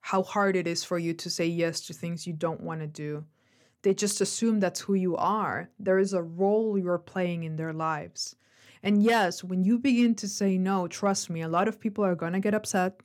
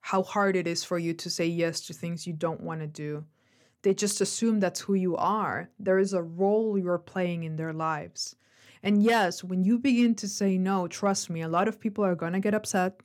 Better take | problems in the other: neither | none

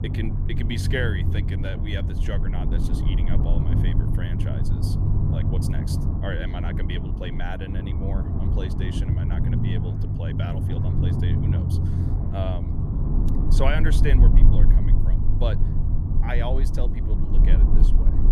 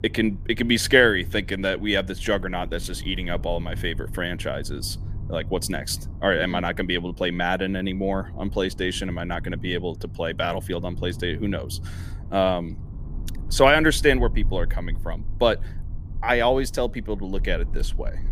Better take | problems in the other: second | low rumble; loud; throughout; 2 dB below the speech; faint in the second

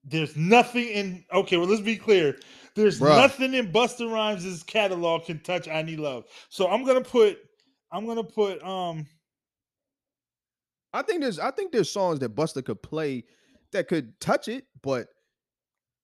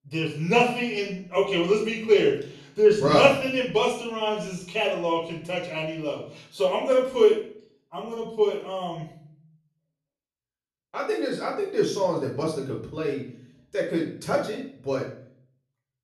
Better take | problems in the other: first | off-mic speech; far // room echo; noticeable; dies away in 0.5 s

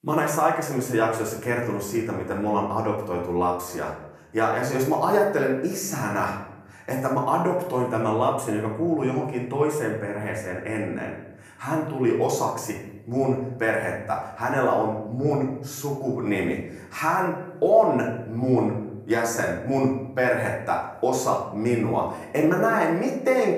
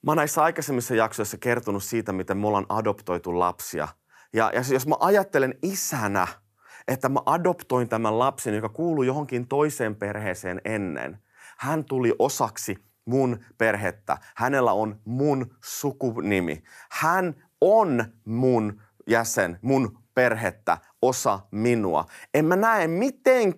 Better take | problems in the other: second | room echo; noticeable; dies away in 0.7 s // off-mic speech; far

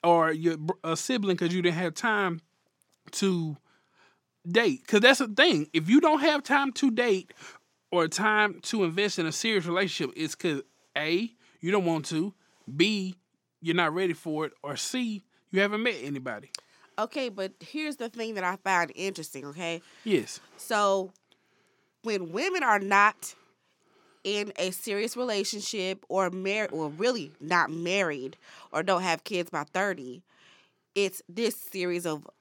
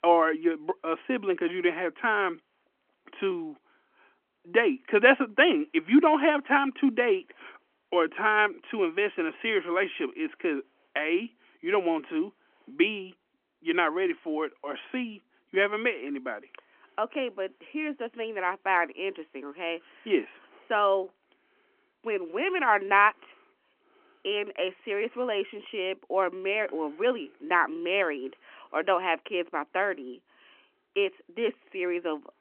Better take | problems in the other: first | phone-call audio; nothing above 3 kHz

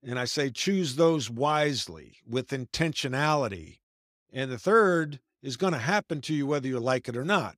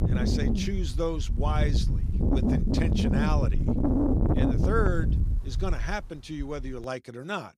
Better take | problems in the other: first | wind noise on the microphone; heavy; as loud as the speech

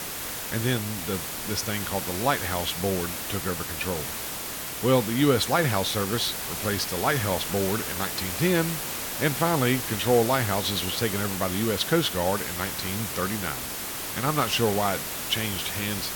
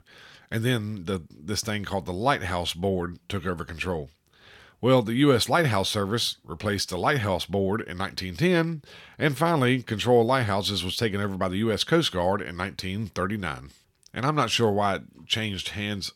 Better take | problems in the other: second | hiss; loud; throughout; 3 dB below the speech

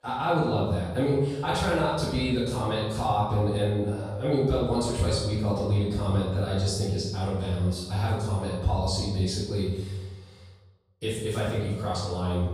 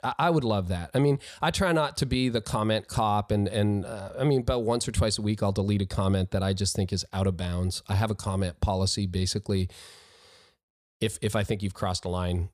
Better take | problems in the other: second | off-mic speech; far // room echo; strong; dies away in 1 s

